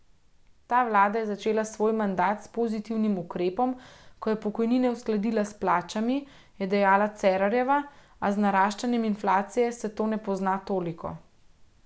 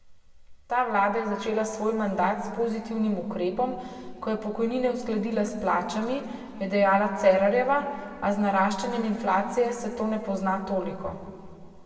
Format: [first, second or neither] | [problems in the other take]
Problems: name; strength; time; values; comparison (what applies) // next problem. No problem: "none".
first | room echo; dies away in 2.1 s